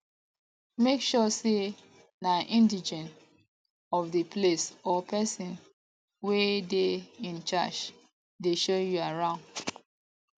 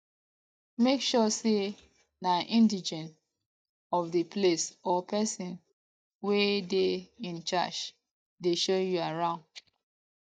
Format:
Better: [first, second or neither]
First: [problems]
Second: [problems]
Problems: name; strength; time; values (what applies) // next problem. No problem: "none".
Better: first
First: none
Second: noise reduction (neural mask model DeepFilterNet 3)